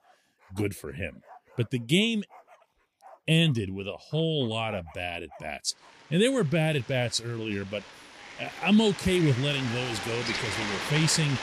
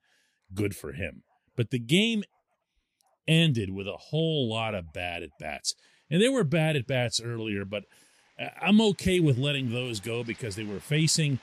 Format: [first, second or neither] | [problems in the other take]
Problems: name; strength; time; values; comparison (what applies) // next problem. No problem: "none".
second | animal sounds; loud; throughout; 8 dB below the speech; faint in the second